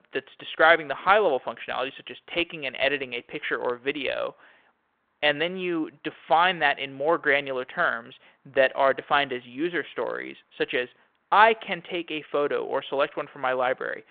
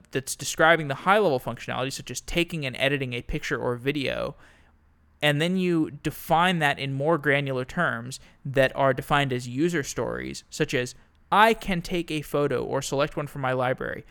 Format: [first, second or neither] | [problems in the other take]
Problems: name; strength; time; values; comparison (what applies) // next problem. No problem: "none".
second | phone-call audio